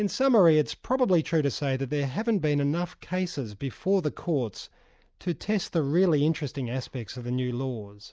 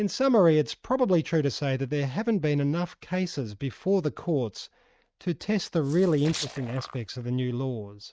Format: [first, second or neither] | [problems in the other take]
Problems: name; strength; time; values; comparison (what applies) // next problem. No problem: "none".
first | noise reduction (neural mask model RNNoise)